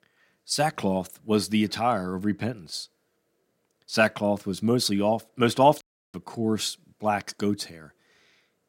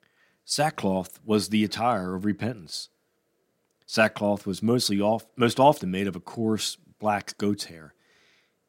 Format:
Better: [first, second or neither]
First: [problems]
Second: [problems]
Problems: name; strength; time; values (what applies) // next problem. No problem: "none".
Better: second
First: audio cutting out; at 6 s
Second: none